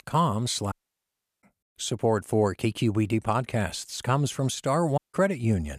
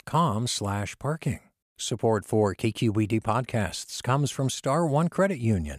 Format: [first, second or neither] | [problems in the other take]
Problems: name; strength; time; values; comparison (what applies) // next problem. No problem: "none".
second | audio cutting out; at 0.5 s for 0.5 s and at 5 s